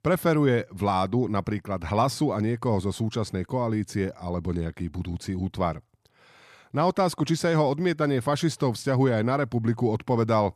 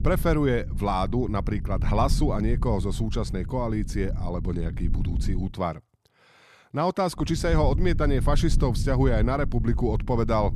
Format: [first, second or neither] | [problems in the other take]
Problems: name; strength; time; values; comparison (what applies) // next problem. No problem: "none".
first | low rumble; noticeable; until 5.5 s and from 7.5 s on; 15 dB below the speech